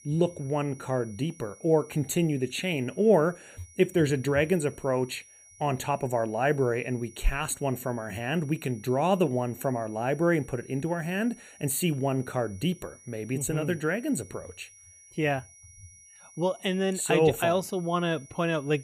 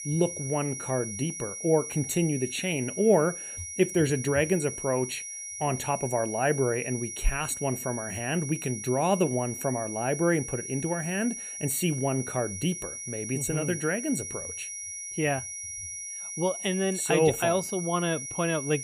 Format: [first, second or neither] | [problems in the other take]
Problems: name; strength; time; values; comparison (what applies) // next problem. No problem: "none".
first | high-pitched whine; loud; throughout; 6 kHz, 7 dB below the speech; faint in the first